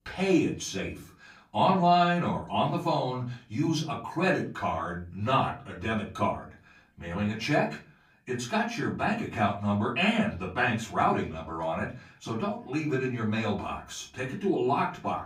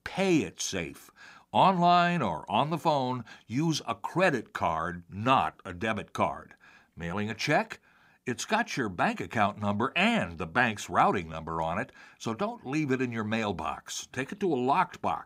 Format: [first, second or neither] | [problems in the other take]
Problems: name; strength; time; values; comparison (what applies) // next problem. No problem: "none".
second | off-mic speech; far // room echo; slight; dies away in 0.4 s